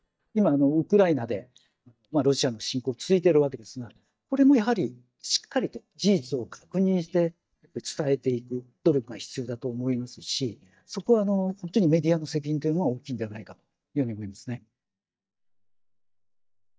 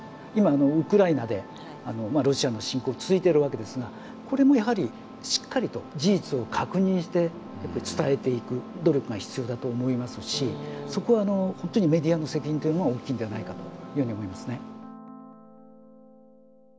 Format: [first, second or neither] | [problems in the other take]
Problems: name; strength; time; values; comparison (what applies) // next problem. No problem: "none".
second | noise reduction (neural mask model DeepFilterNet 3)